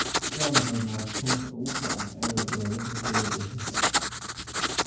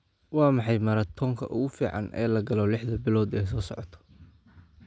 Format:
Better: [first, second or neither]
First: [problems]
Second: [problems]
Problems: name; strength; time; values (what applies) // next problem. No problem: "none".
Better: second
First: background sound (Writing); 3 dB above the speech // room echo; dies away in 0.9 s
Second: none